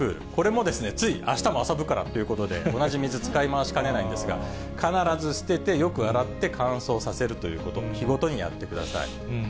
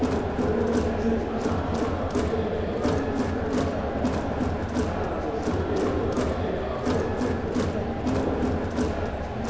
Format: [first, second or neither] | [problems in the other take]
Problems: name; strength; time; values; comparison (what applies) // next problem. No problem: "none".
first | background sound (Crowd); 2 dB above the speech // room echo; dies away in 2.2 s